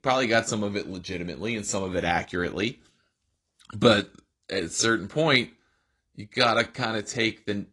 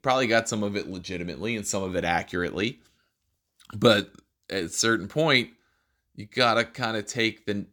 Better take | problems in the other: second | garbled, watery; slightly; nothing above 10 kHz

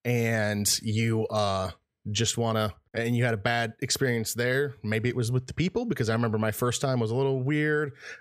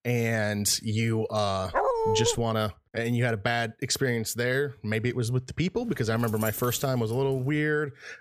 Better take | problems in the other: first | dog barking; loud; at 1.5 s; peak 2 dB above the speech // jangling keys; noticeable; from 6 to 7.5 s; peak 7 dB below the speech

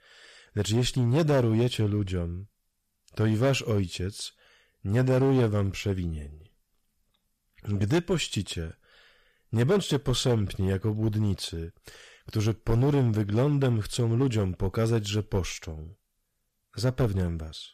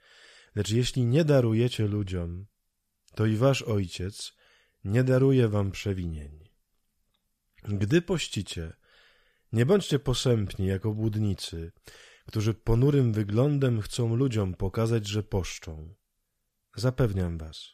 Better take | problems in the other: second | distortion; slight; 5% of the sound clipped

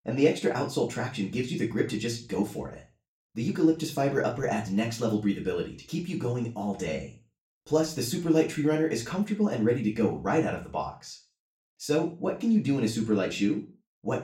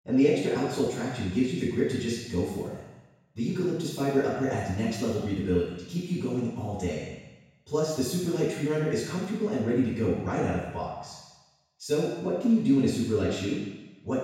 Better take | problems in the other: first | room echo; strong; dies away in 1.1 s; slight in the first // off-mic speech; far; far in the first

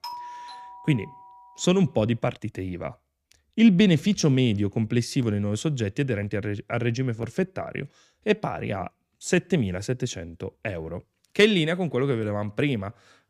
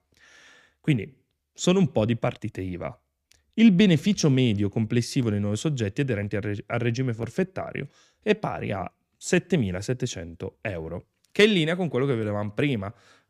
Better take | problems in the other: second | doorbell; faint; until 1.5 s; peak 10 dB below the speech

